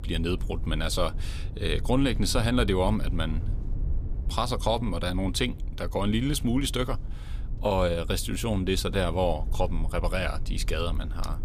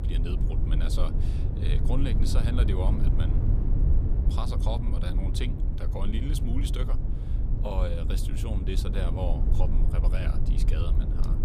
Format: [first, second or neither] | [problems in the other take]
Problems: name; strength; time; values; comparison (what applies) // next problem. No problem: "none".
first | low rumble; loud; throughout; 3 dB below the speech; faint in the first